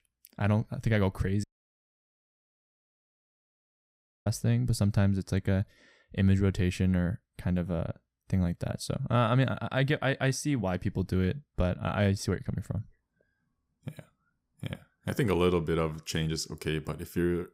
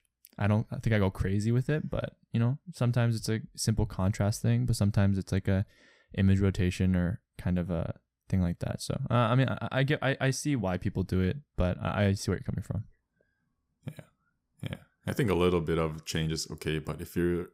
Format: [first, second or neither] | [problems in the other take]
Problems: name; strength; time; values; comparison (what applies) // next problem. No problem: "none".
second | audio cutting out; at 1.5 s for 3 s